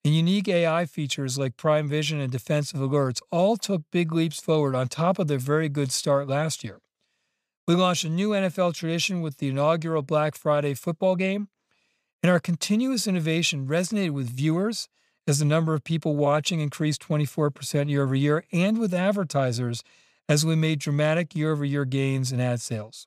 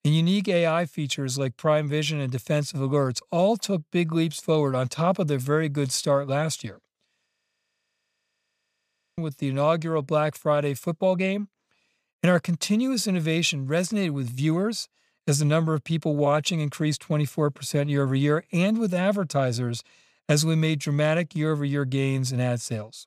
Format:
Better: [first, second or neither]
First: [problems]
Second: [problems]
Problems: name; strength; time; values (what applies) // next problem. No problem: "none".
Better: first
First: none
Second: audio freezing; at 7.5 s for 2 s